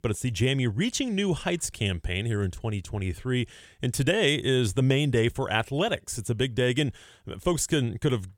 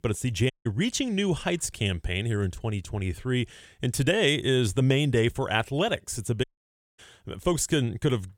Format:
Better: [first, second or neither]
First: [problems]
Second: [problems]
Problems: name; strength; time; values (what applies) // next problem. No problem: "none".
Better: first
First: none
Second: audio cutting out; at 0.5 s and at 6.5 s for 0.5 s